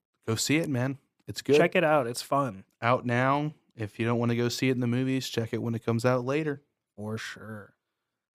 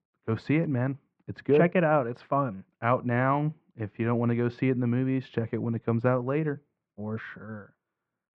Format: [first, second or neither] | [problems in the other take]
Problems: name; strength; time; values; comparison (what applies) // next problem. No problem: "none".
first | muffled; very; fading above 2 kHz